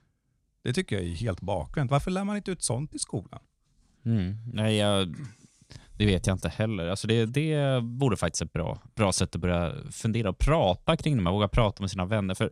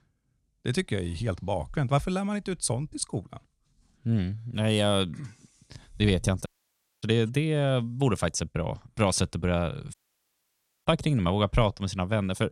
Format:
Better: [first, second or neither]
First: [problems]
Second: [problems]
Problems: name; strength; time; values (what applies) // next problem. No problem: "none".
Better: first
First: none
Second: audio cutting out; at 6.5 s for 0.5 s and at 10 s for 1 s